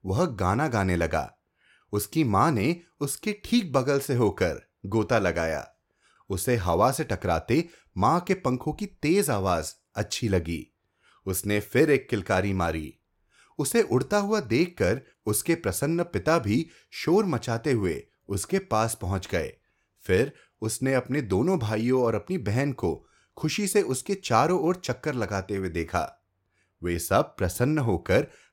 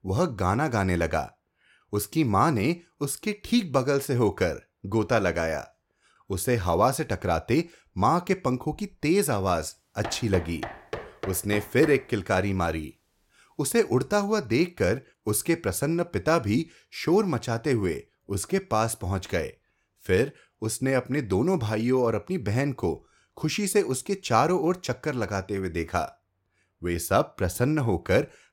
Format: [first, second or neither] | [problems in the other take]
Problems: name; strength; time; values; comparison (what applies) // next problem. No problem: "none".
first | door banging; noticeable; from 10 to 12 s; peak 10 dB below the speech